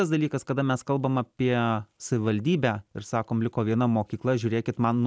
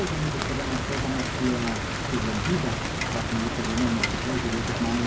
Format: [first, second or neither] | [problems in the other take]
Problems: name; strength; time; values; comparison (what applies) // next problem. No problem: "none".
first | background sound (Rain); 1 dB above the speech // room echo; dies away in 0.3 s